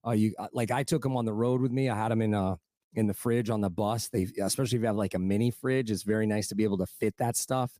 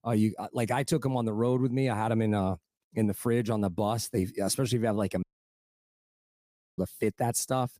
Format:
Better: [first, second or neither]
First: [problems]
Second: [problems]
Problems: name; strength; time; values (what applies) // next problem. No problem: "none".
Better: first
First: none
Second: audio cutting out; at 5 s for 1.5 s